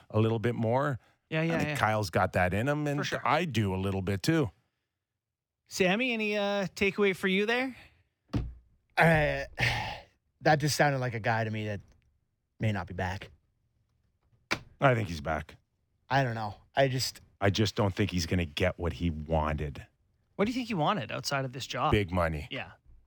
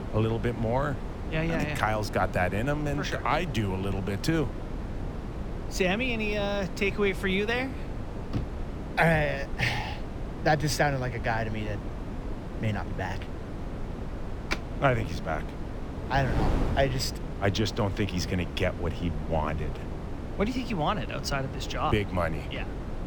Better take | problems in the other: first | wind noise on the microphone; occasional gusts; 10 dB below the speech

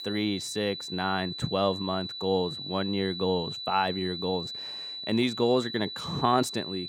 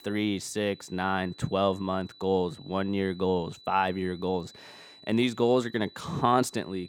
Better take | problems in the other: second | high-pitched whine; loud; throughout; 4 kHz, 6 dB below the speech; faint in the second

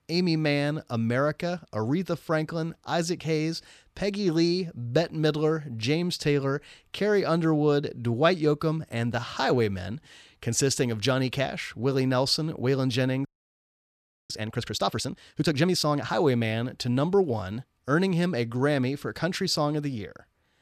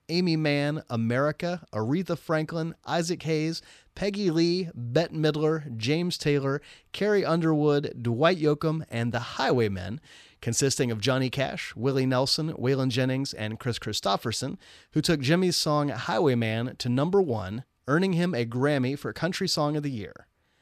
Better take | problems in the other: second | audio freezing; at 13 s for 1 s

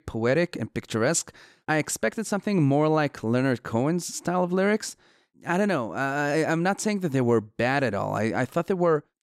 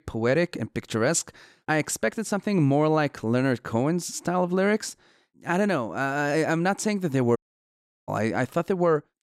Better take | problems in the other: first | audio cutting out; at 7.5 s for 0.5 s

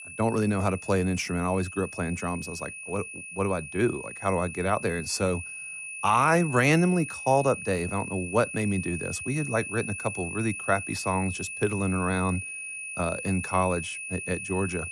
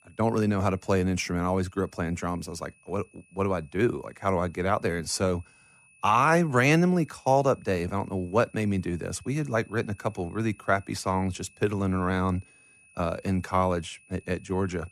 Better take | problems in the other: second | high-pitched whine; loud; throughout; 2.5 kHz, 8 dB below the speech; faint in the second

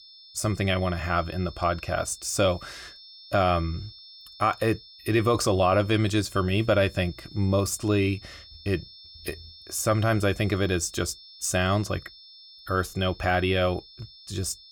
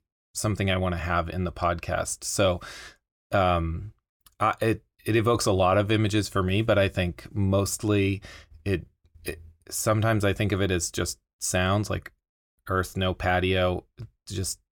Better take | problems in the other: second | high-pitched whine; noticeable; throughout; 5.5 kHz, 20 dB below the speech

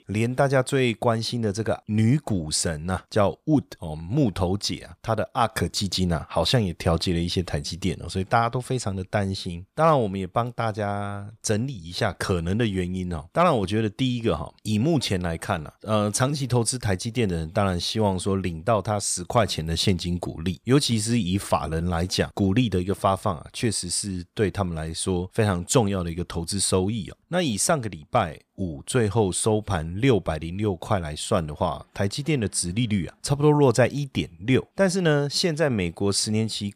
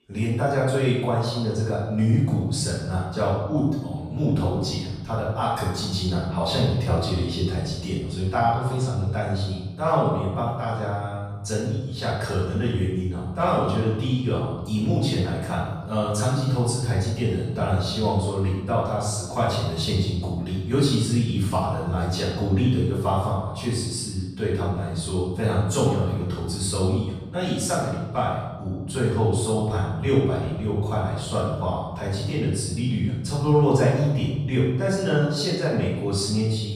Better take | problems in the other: first | room echo; strong; dies away in 1.4 s // off-mic speech; far

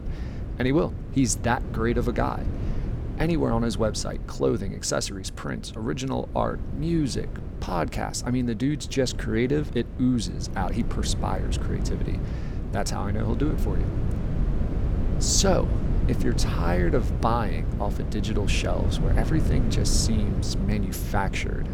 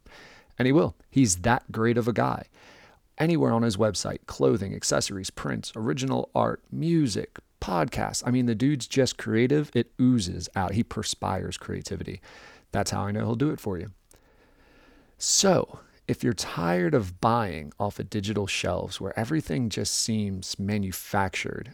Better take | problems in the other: second | wind noise on the microphone; occasional gusts; 10 dB below the speech

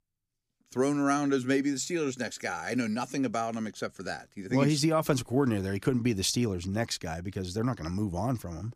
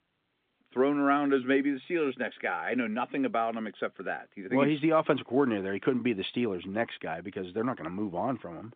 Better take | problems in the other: first | phone-call audio; nothing above 3.5 kHz

